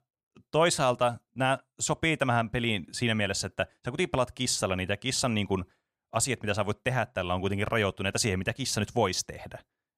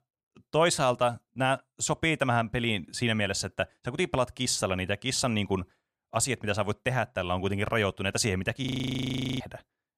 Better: first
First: none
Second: audio freezing; at 8.5 s for 1 s

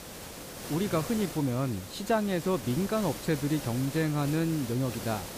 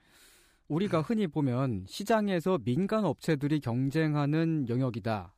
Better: second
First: hiss; loud; throughout; 10 dB below the speech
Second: none

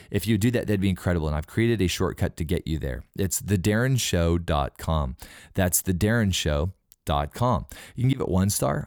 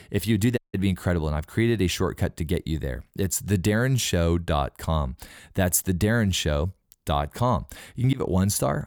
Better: first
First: none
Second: audio cutting out; at 0.5 s

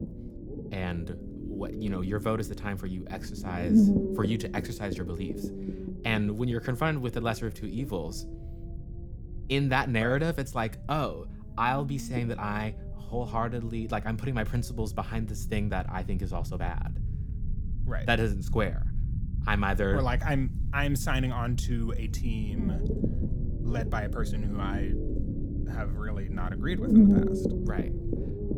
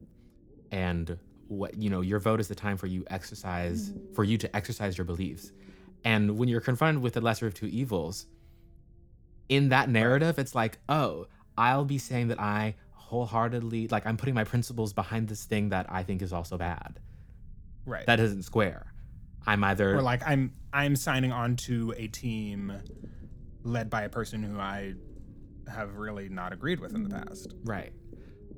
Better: second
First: low rumble; loud; throughout; 5 dB below the speech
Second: low rumble; faint; throughout; 25 dB below the speech

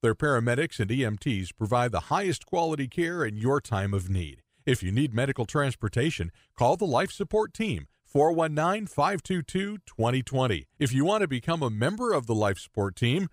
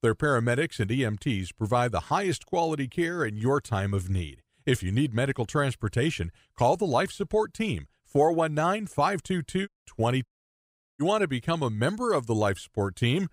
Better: first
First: none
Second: audio cutting out; at 9.5 s and at 10 s for 0.5 s

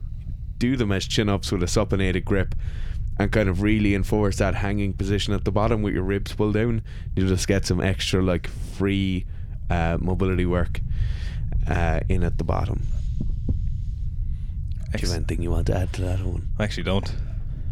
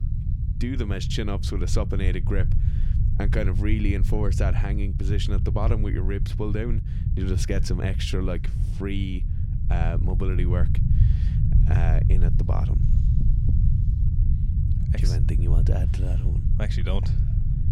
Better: first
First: low rumble; faint; throughout; 20 dB below the speech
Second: low rumble; loud; throughout; 6 dB below the speech

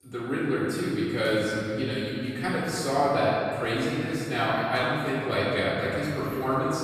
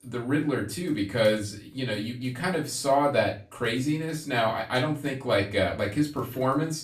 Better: second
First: room echo; strong; dies away in 2.6 s // off-mic speech; far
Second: room echo; slight; dies away in 0.3 s // off-mic speech; far

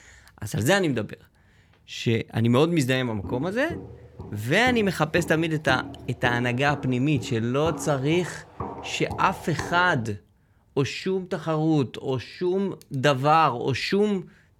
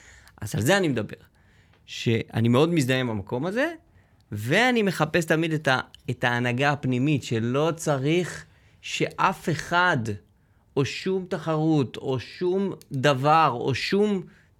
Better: second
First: footsteps; noticeable; from 3 to 10 s; peak 10 dB below the speech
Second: none

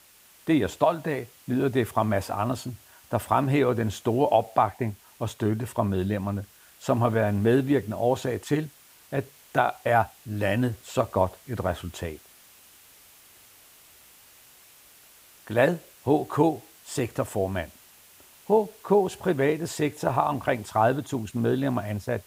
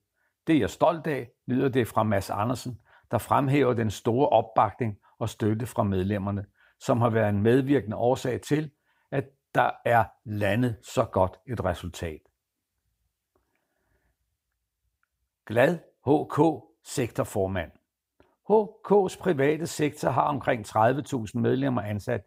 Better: second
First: hiss; faint; throughout; 25 dB below the speech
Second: none

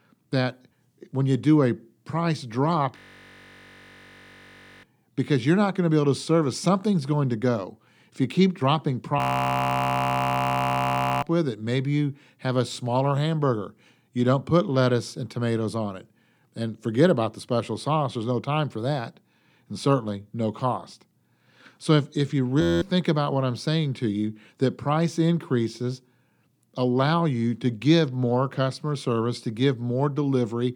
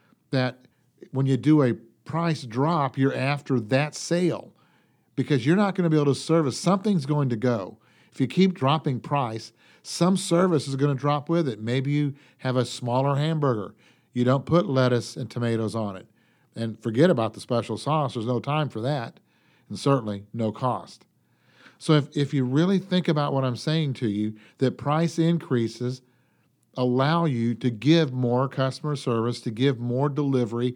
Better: second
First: audio freezing; at 3 s for 2 s, at 9 s for 2 s and at 23 s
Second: none

